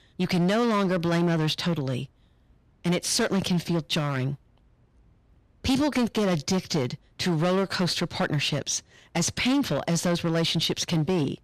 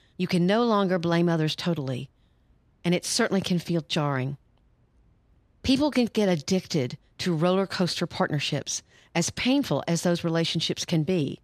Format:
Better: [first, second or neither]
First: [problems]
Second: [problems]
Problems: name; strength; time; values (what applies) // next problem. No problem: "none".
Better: second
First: distortion; slight; 11% of the sound clipped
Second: none